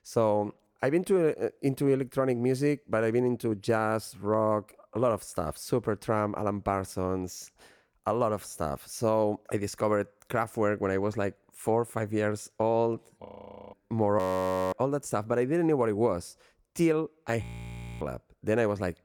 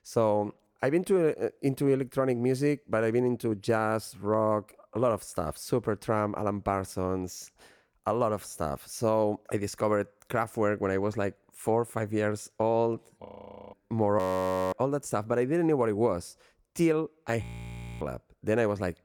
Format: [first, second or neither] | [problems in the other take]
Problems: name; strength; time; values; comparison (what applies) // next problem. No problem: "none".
neither | audio freezing; at 13 s, at 14 s for 0.5 s and at 17 s for 0.5 s; the same in both